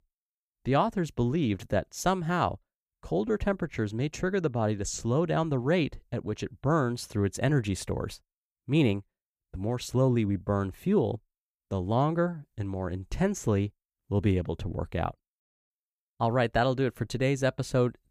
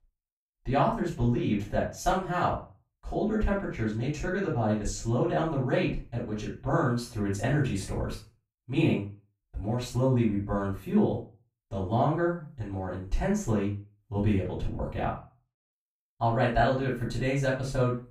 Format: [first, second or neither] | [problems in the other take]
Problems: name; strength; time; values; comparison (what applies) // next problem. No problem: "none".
first | room echo; noticeable; dies away in 0.3 s // off-mic speech; far